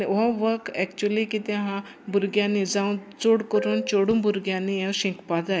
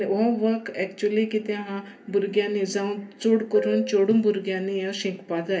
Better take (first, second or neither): first